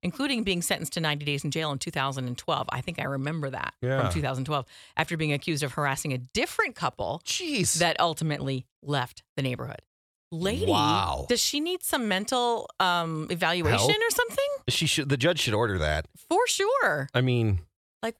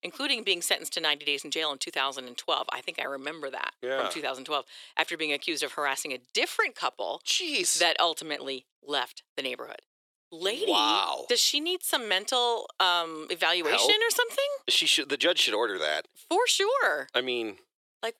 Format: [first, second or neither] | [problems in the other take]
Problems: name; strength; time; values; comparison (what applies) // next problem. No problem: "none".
first | thin; somewhat; fading below 350 Hz